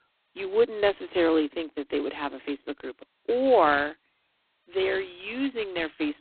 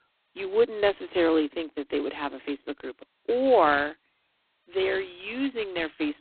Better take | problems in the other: neither | phone-call audio; poor line; nothing above 4 kHz; the same in both

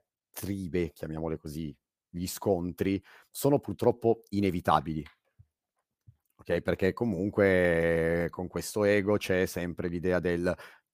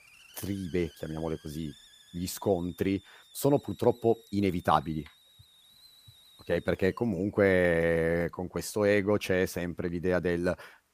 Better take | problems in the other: first | hiss; faint; throughout; 25 dB below the speech

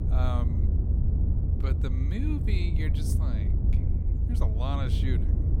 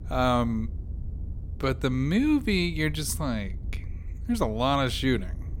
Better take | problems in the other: second | low rumble; loud; throughout; 3 dB below the speech; faint in the second

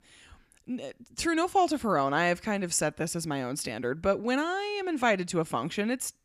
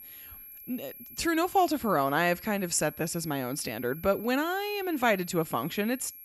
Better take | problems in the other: first | high-pitched whine; noticeable; throughout; 11.5 kHz, 15 dB below the speech

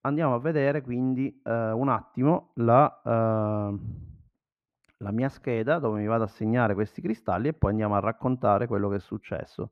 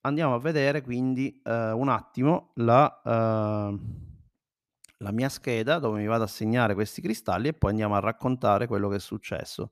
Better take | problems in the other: second | muffled; very; fading above 3.5 kHz

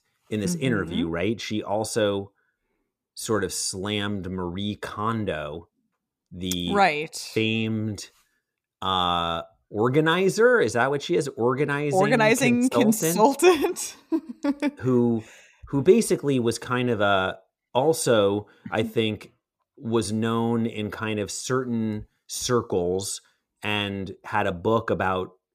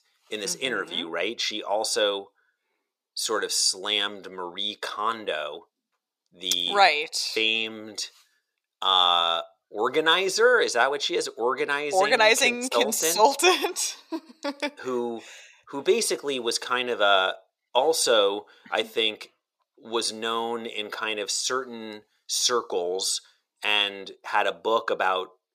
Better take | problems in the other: first | thin; very; fading below 550 Hz

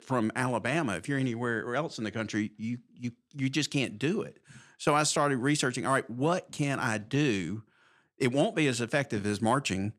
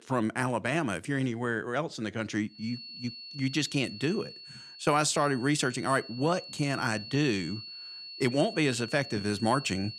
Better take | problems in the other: first | high-pitched whine; noticeable; from 2.5 s on; 4.5 kHz, 10 dB below the speech

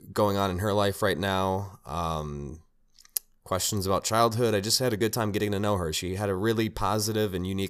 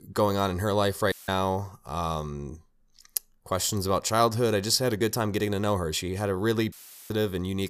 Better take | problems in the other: first | audio cutting out; filled with static; at 1 s and at 6.5 s

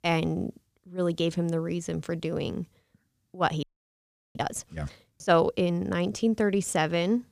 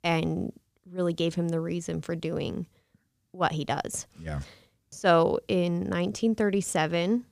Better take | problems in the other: second | audio freezing; at 3.5 s for 0.5 s

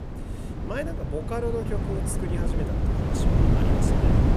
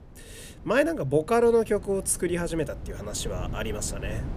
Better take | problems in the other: second | wind noise on the microphone; heavy; 1 dB above the speech; occasional gusts in the second

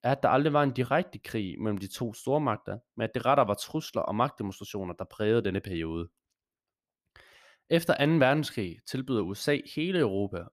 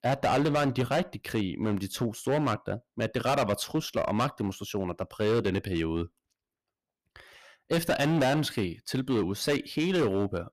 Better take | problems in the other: first | distortion; heavy; 11% of the sound clipped

